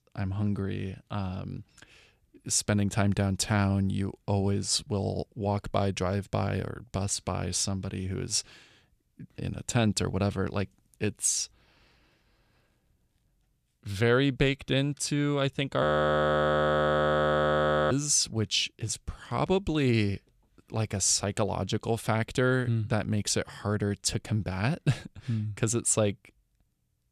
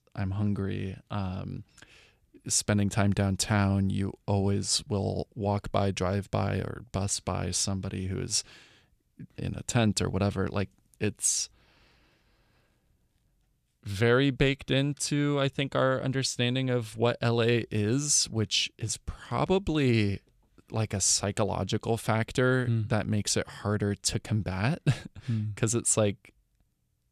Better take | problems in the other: second | audio freezing; at 16 s for 2 s

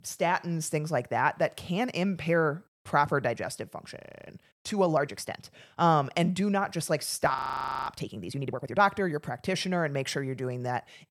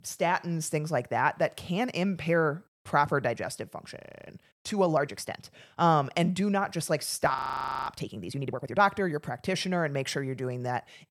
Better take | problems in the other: neither | audio freezing; at 4 s and at 7.5 s for 0.5 s; the same in both

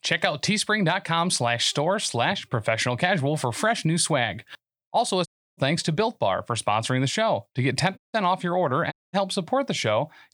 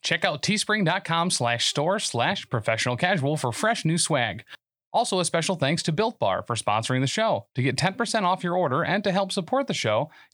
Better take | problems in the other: second | audio cutting out; at 5.5 s, at 8 s and at 9 s

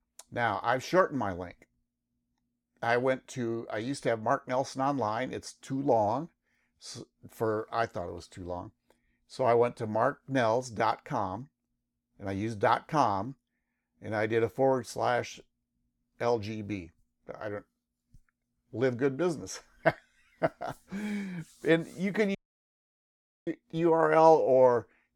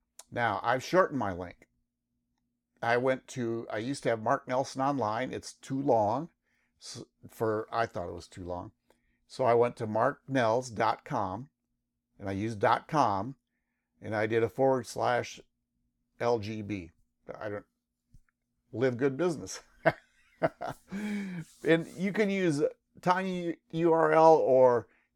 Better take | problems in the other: second | audio cutting out; at 22 s for 1 s

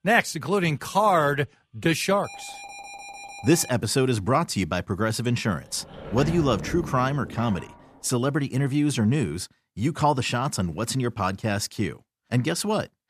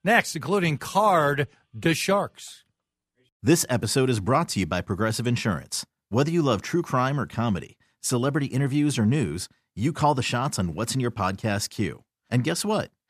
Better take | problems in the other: second | alarm; faint; from 2 to 3.5 s; peak 15 dB below the speech // door banging; noticeable; from 6 to 7.5 s; peak 7 dB below the speech

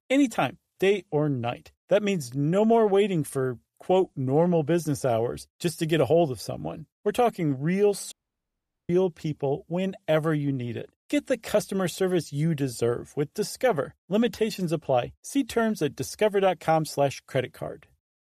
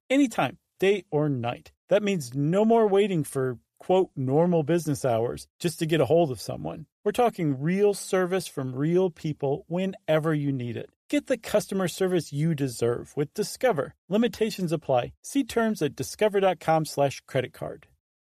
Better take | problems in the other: second | audio cutting out; at 8 s for 1 s

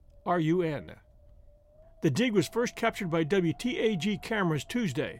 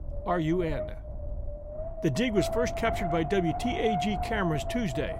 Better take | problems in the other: first | wind noise on the microphone; heavy; 2 dB below the speech; occasional gusts in the first

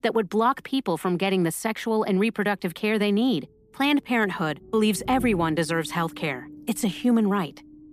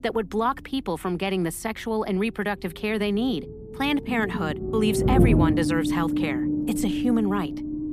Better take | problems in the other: first | low rumble; loud; throughout; 2 dB below the speech; faint in the first

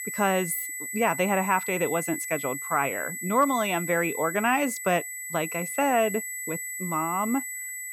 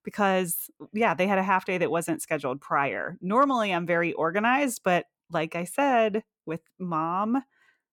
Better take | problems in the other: second | high-pitched whine; loud; throughout; 2 kHz, 6 dB below the speech

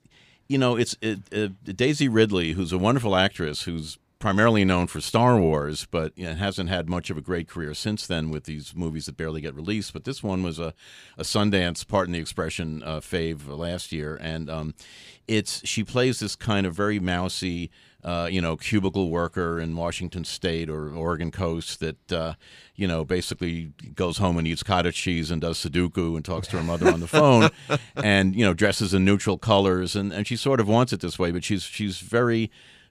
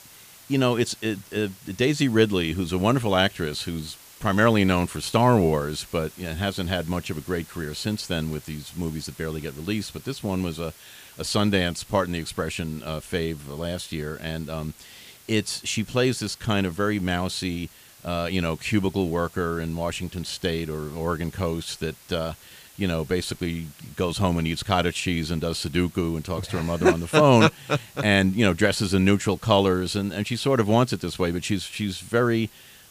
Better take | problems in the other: first | hiss; faint; throughout; 20 dB below the speech

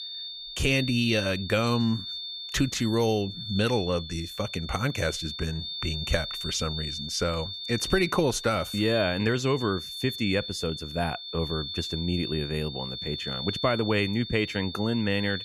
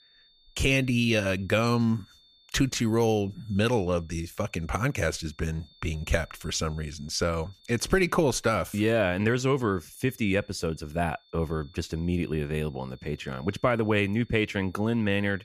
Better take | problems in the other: second | high-pitched whine; loud; throughout; 3.5 kHz, 6 dB below the speech; faint in the second

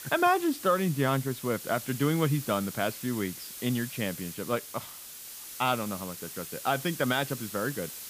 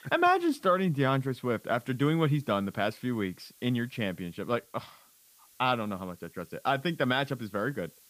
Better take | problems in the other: second | hiss; loud; throughout; 10 dB below the speech; faint in the second

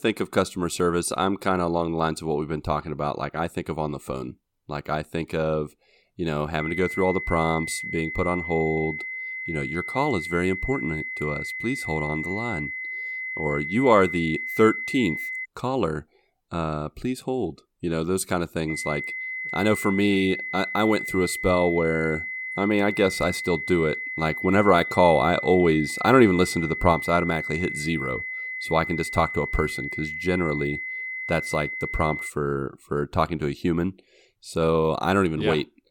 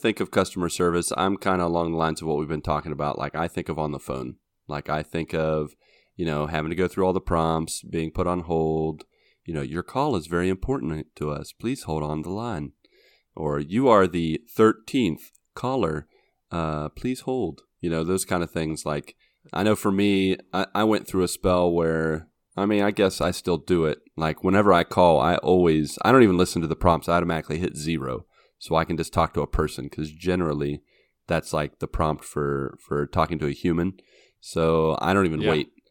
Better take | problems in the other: second | high-pitched whine; loud; from 6.5 to 15 s and from 19 to 32 s; 2 kHz, 5 dB below the speech

